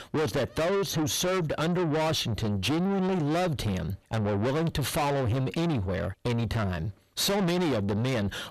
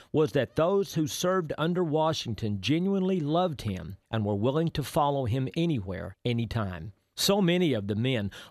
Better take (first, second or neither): second